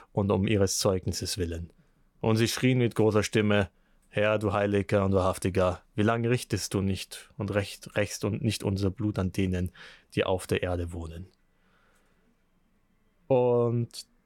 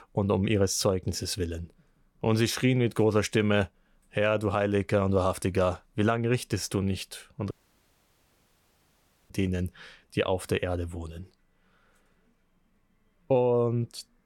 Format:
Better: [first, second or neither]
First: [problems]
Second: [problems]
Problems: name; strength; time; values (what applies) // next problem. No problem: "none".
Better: first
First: none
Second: audio cutting out; at 7.5 s for 2 s